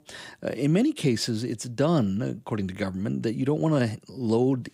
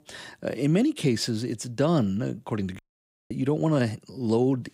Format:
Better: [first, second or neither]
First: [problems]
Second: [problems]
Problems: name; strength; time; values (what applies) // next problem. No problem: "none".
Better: first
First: none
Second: audio cutting out; at 3 s for 0.5 s